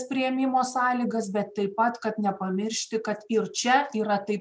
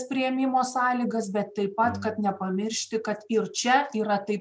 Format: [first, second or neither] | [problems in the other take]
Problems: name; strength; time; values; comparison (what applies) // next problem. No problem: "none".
first | background sound (Bowed string instrument); 18 dB below the speech